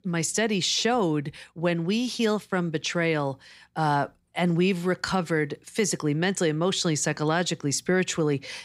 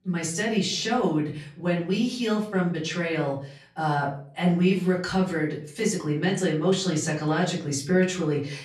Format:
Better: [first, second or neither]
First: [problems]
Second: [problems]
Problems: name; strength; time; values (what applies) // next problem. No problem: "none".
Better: first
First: none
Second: off-mic speech; far // room echo; slight; dies away in 0.4 s